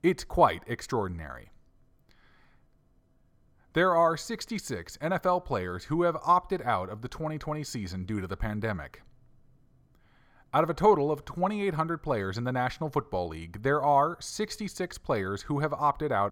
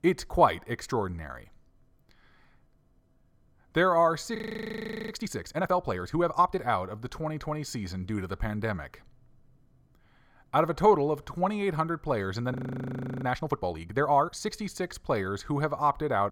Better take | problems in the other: first | audio freezing; at 4.5 s for 1 s and at 13 s for 0.5 s

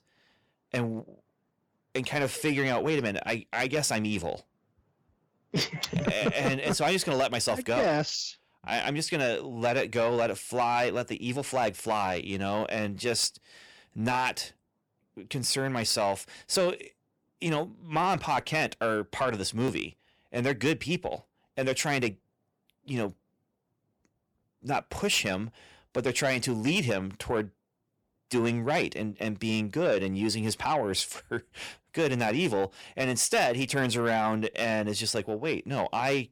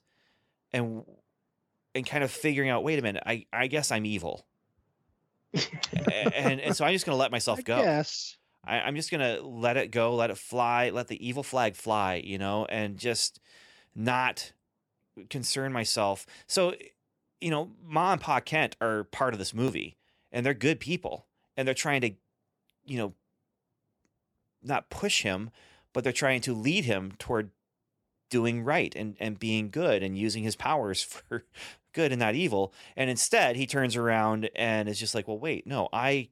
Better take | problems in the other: second | distortion; slight; 10 dB below the speech

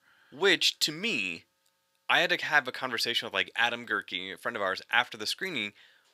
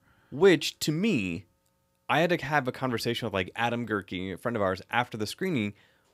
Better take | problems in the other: second | thin; somewhat; fading below 750 Hz

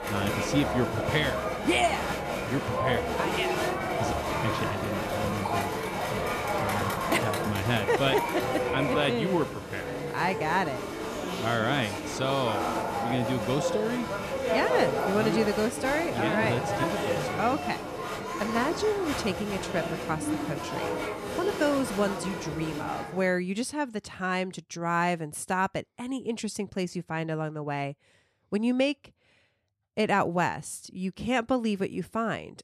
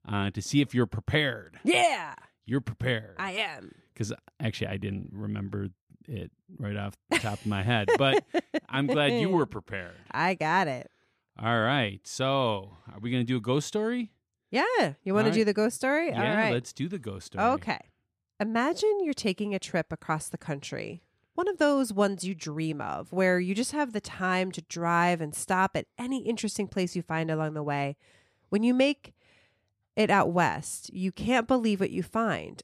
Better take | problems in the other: second | crowd noise; loud; until 23 s; 1 dB below the speech

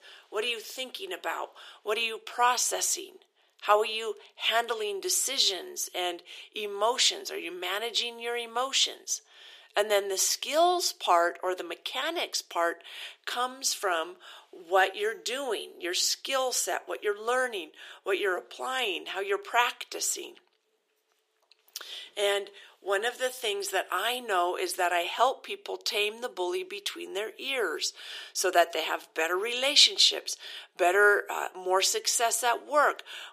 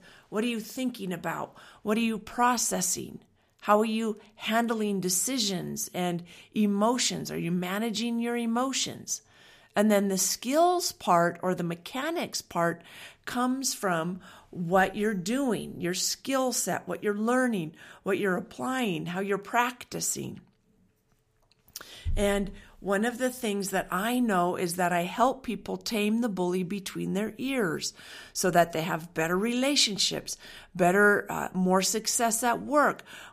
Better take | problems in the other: second | thin; very; fading below 350 Hz

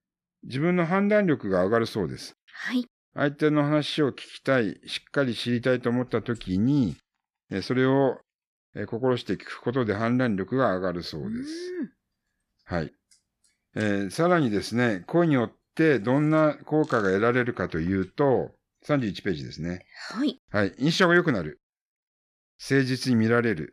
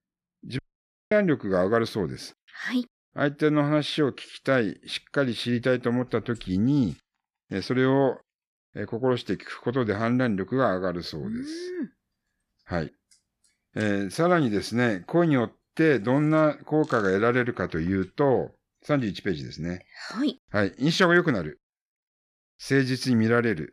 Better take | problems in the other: first | audio cutting out; at 0.5 s for 0.5 s

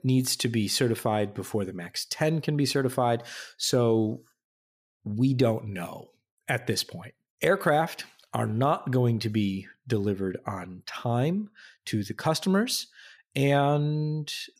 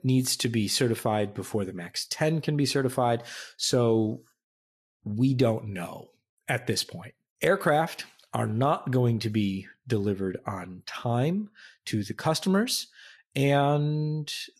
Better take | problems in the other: first | garbled, watery; slightly; nothing above 12.5 kHz

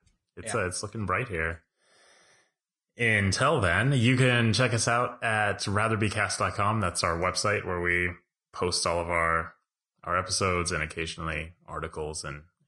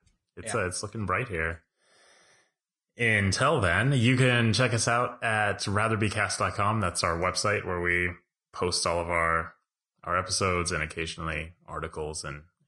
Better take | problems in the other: neither | garbled, watery; slightly; the same in both

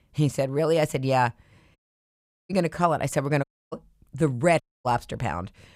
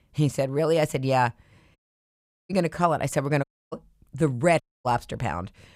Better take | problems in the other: neither | audio cutting out; at 2 s for 0.5 s, at 3.5 s and at 4.5 s; the same in both

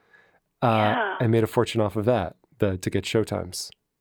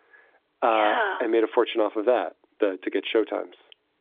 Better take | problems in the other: first | phone-call audio; nothing above 3.5 kHz

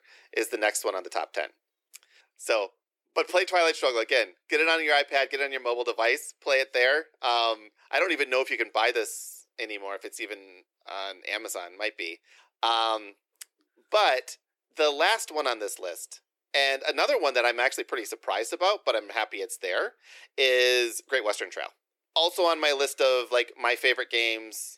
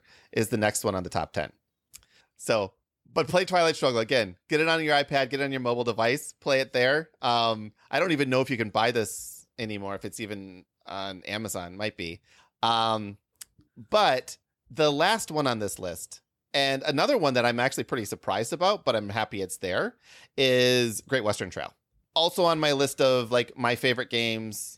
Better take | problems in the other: second | thin; very; fading below 350 Hz

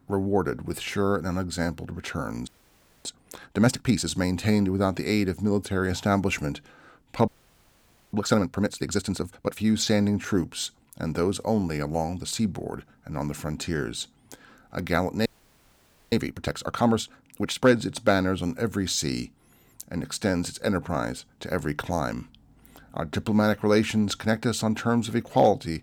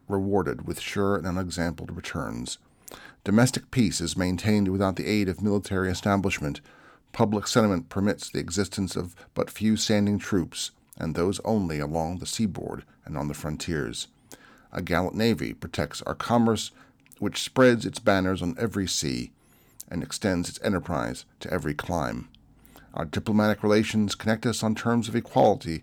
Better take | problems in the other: second | audio freezing; at 2.5 s for 0.5 s, at 7.5 s for 1 s and at 15 s for 1 s

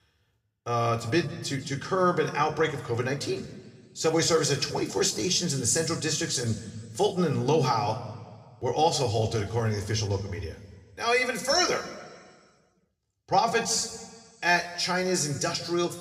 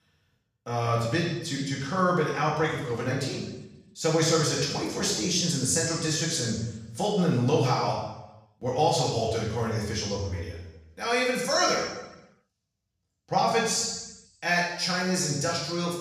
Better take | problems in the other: first | room echo; strong; dies away in 0.9 s; slight in the first // off-mic speech; far

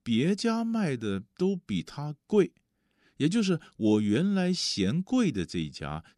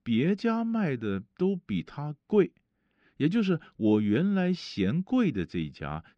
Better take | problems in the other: first | muffled; slightly; fading above 2.5 kHz

